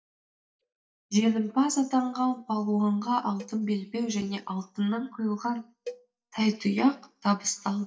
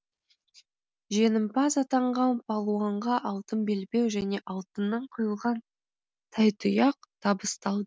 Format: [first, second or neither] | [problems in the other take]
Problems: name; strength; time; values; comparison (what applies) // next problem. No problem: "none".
second | noise reduction (neural mask model DeepFilterNet 3)